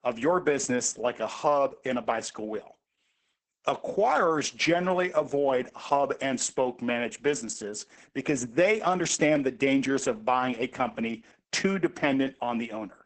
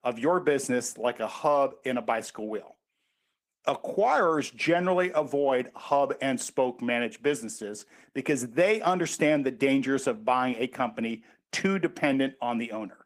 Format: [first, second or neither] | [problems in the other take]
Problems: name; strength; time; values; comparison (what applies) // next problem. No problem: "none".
second | garbled, watery; badly; nothing above 8 kHz; slightly in the second